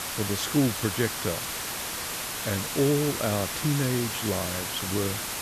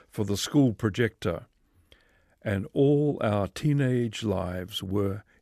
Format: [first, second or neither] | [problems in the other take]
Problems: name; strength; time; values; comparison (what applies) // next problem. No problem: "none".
second | hiss; loud; throughout; 2 dB below the speech